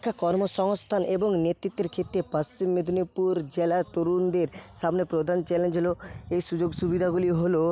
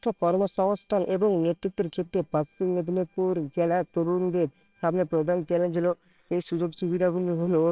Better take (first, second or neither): first